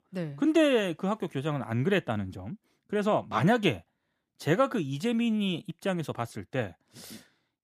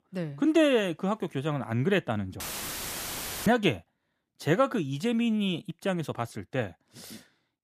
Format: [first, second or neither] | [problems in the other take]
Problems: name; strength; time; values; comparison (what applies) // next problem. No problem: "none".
first | audio cutting out; filled with static; at 2.5 s for 1 s